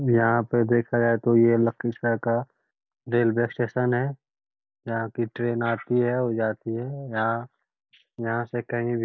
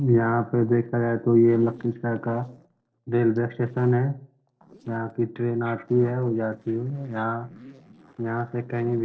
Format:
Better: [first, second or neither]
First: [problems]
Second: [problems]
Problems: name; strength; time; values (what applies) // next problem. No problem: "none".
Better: first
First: none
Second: noise reduction (neural separator model SepFormer DNS4)